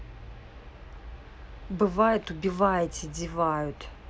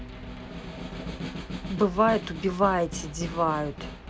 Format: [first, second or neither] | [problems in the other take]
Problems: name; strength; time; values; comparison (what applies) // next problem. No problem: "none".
first | background sound (Snare drum); 10 dB below the speech